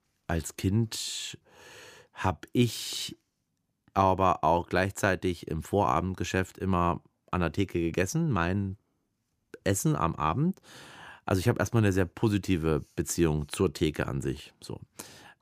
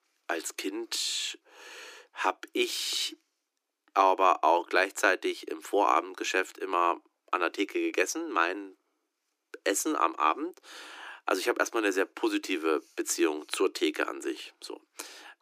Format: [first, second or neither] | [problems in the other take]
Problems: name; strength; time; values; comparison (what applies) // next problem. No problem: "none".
first | thin; very; fading below 300 Hz